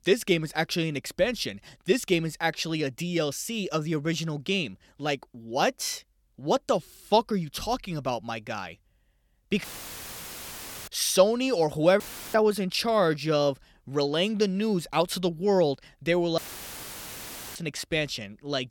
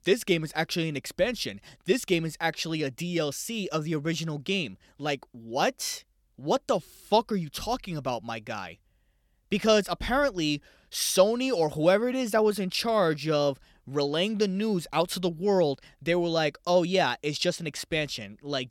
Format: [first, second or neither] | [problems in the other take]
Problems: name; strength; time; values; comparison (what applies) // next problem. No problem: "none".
second | audio cutting out; filled with static; at 9.5 s for 1 s, at 12 s and at 16 s for 1 s